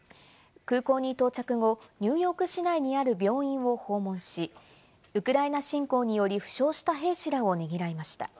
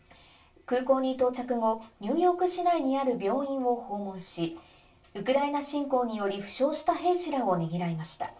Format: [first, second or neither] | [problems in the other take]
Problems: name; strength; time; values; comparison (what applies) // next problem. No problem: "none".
first | room echo; dies away in 0.2 s